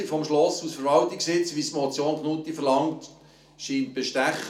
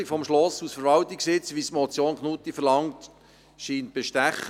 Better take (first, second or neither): second